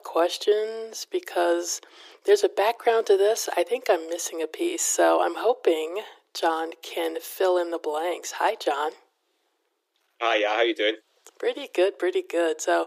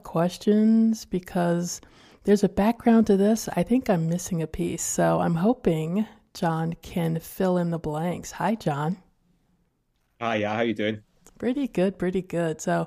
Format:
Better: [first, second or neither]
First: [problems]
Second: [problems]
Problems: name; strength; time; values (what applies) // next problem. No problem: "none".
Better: second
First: thin; very; fading below 350 Hz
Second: none